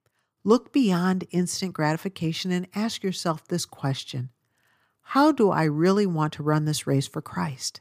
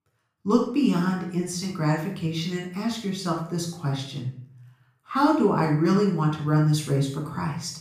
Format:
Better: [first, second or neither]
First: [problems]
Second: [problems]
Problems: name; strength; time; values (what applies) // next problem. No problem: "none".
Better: first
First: none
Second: off-mic speech; far // room echo; noticeable; dies away in 0.5 s